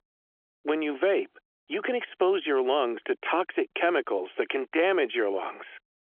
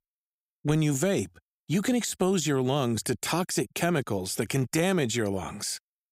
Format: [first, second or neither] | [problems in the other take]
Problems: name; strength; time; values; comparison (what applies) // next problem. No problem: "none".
second | phone-call audio; nothing above 3.5 kHz